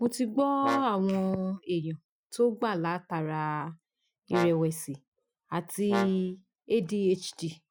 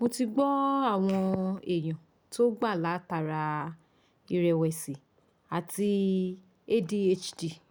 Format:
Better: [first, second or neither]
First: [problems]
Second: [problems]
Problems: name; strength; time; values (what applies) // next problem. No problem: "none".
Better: second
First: noise reduction (classical method Wiener filter)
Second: none